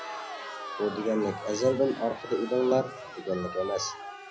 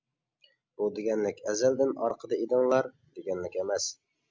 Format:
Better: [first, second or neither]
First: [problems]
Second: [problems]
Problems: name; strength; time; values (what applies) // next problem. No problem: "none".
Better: second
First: background sound (Crowd); 10 dB below the speech // room echo; dies away in 0.4 s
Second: none